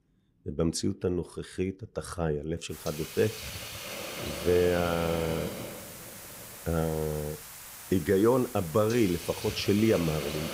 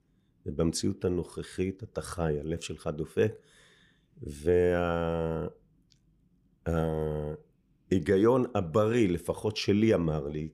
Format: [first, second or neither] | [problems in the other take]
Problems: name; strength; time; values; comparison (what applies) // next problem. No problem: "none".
second | hiss; loud; from 2.5 s on; 9 dB below the speech